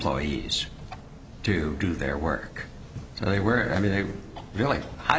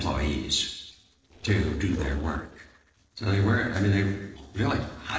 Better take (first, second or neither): first